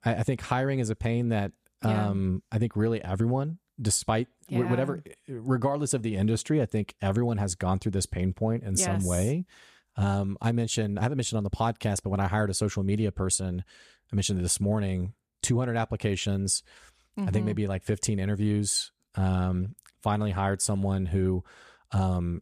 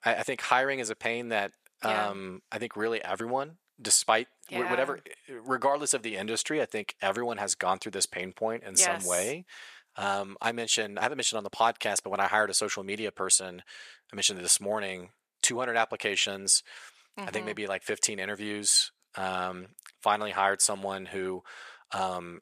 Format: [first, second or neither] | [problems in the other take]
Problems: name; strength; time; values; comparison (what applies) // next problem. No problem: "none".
first | thin; very; fading below 550 Hz